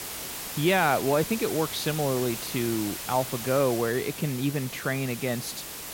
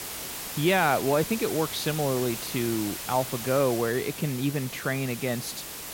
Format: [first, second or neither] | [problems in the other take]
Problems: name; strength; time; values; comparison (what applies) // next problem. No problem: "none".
neither | hiss; loud; throughout; 7 dB below the speech; the same in both